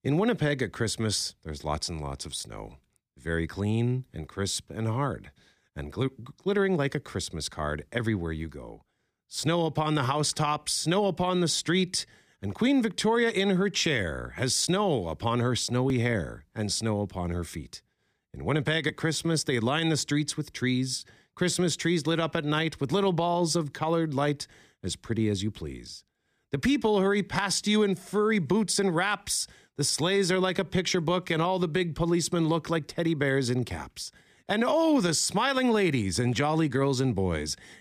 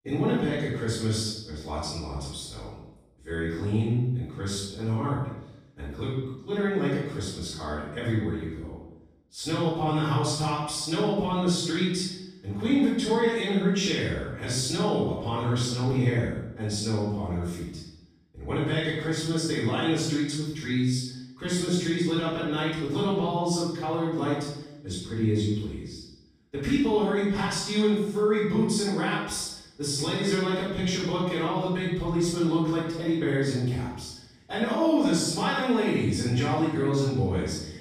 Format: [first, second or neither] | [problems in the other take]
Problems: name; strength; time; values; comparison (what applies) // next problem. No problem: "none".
first | room echo; strong; dies away in 0.8 s // off-mic speech; far